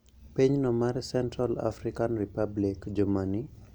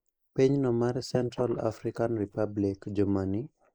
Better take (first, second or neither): first